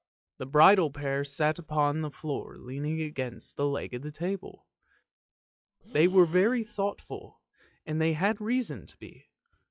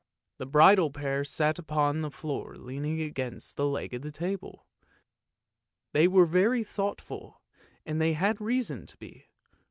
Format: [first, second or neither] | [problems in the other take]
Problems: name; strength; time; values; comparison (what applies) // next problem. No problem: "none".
second | noise reduction (classical method log-MMSE)